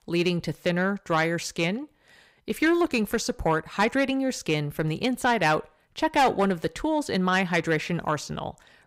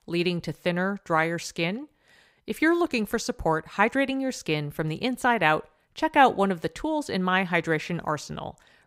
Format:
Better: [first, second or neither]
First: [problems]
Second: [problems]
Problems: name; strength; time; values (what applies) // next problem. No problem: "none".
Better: second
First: distortion; slight; 10 dB below the speech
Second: none